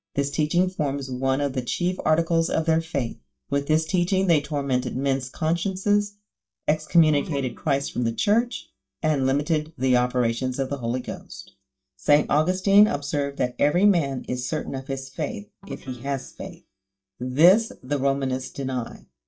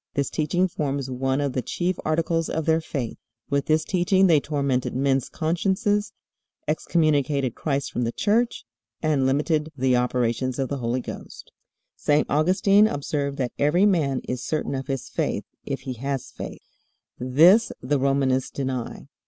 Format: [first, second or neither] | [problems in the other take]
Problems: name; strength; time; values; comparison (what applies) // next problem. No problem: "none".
second | noise reduction (neural mask model DeepFilterNet 3)